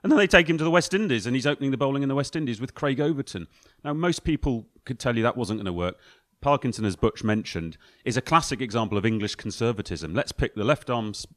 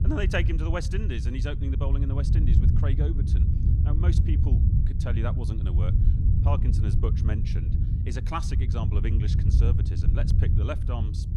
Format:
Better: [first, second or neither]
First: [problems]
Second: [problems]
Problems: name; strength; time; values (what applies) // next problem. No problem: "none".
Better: first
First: none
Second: low rumble; loud; throughout; 3 dB below the speech